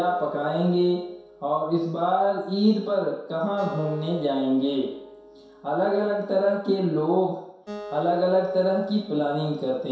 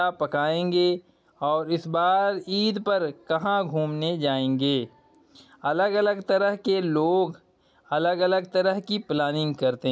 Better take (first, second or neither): second